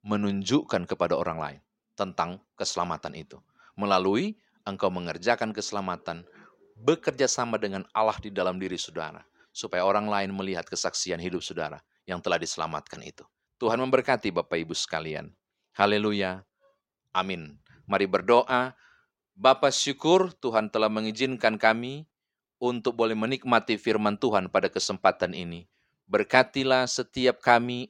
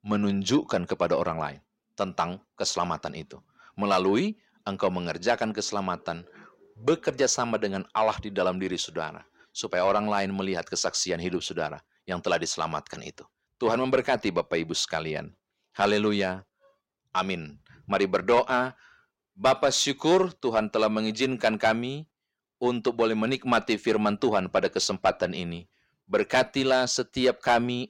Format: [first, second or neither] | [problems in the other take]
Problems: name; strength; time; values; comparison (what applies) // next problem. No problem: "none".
first | distortion; slight; 10 dB below the speech